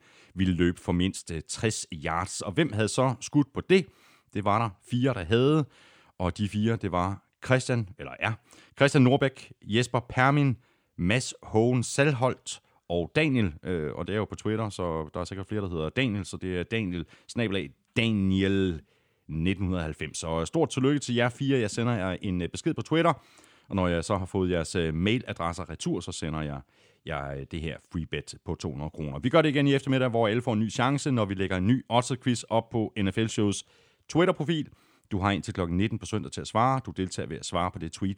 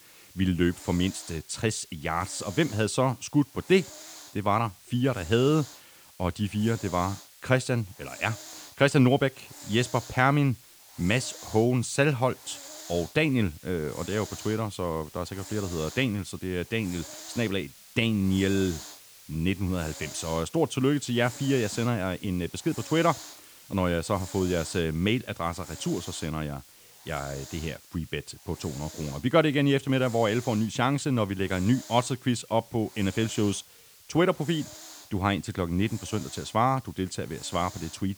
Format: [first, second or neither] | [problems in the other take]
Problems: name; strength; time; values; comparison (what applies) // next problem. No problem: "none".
first | hiss; noticeable; throughout; 15 dB below the speech